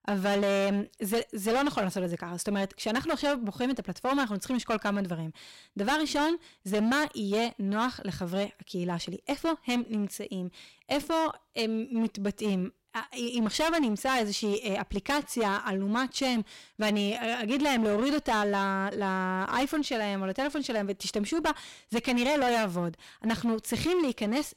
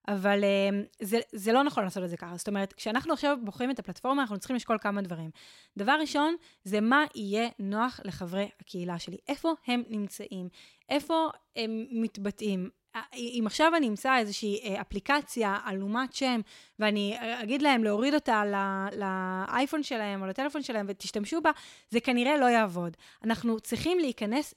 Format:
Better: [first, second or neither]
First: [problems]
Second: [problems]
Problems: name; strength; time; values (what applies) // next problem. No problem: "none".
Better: second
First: distortion; heavy; 13% of the sound clipped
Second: none